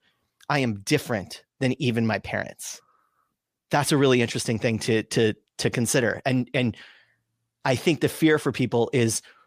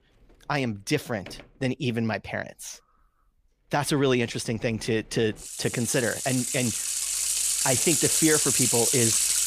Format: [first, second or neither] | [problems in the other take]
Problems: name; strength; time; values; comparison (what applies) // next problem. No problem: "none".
first | household noises; very loud; throughout; 4 dB above the speech